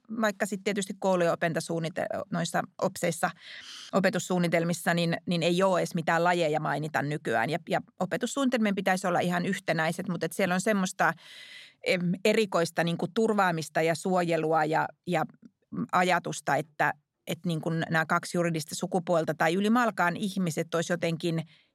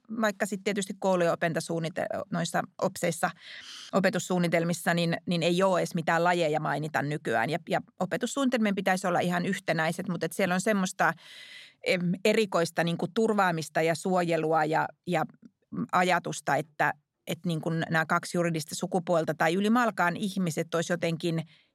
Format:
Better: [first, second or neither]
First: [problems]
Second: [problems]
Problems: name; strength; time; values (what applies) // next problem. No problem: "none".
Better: neither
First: none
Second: none